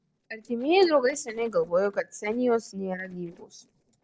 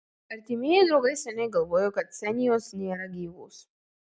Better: second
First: noise reduction (neural separator model SepFormer DNS4)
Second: none

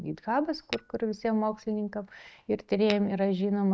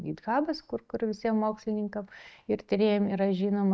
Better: second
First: background sound (Tap / Glass); 14 dB below the speech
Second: none

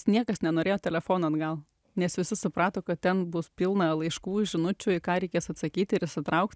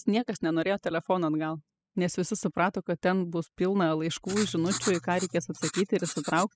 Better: first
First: none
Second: noise reduction (classical method spectral subtraction)

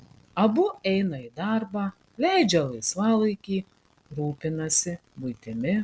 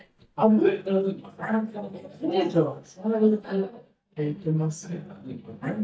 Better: first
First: none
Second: noise reduction (neural mask model DeepFilterNet 3)

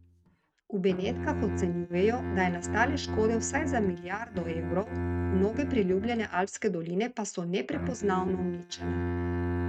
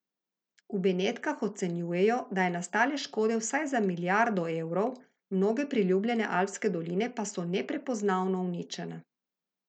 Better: second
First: noise reduction (neural mask model RNNoise)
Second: none

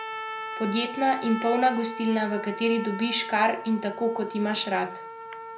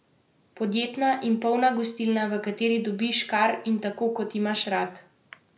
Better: second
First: background sound (Trumpet); 10 dB below the speech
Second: none

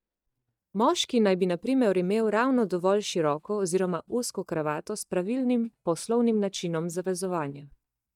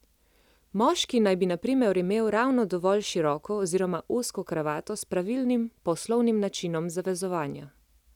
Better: second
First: noise reduction (neural mask model DeepFilterNet 3)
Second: none

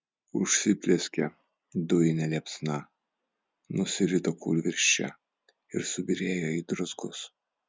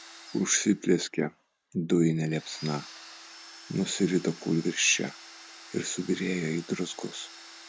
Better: first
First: none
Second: background sound (Domestic sounds, home sounds); 18 dB below the speech

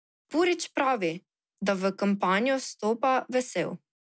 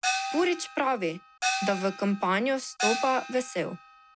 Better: first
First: none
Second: background sound (Gong); 5 dB below the speech

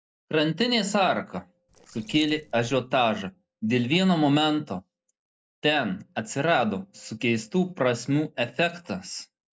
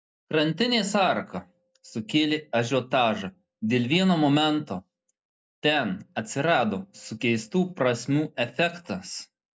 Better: second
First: noise reduction (neural separator model SepFormer DNS4)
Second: none

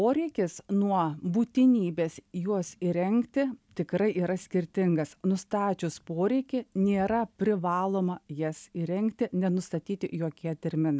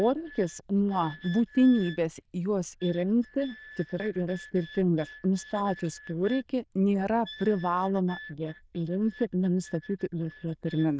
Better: first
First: none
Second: noise reduction (neural diffusion model UNIVERSE++)

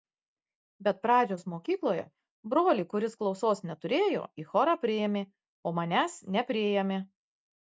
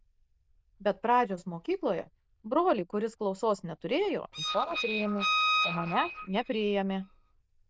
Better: first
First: none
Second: noise reduction (neural diffusion model UNIVERSE++)

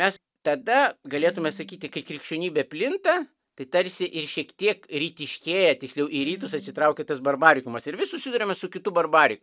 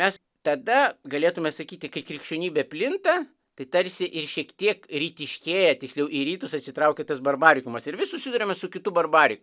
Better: second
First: noise reduction (neural mask model RNNoise)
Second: none

